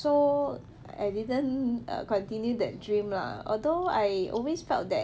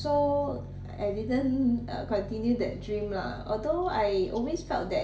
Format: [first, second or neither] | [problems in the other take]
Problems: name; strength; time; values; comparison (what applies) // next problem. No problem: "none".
first | background sound (Piano); 12 dB below the speech // room echo; dies away in 0.5 s